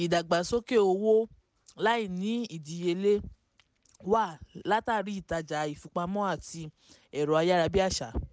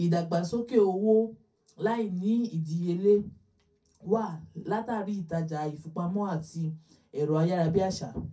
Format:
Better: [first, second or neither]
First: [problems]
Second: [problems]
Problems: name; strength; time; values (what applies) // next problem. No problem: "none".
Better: first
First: none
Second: room echo; dies away in 0.2 s